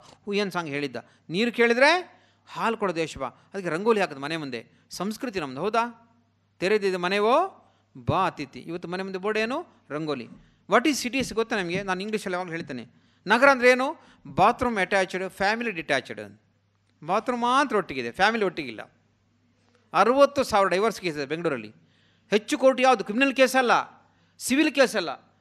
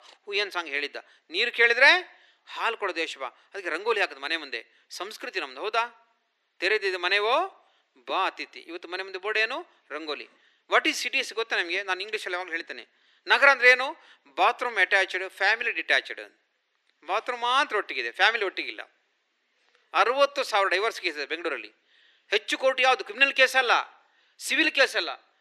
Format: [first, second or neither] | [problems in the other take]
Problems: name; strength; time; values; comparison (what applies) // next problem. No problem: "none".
first | thin; very; fading below 350 Hz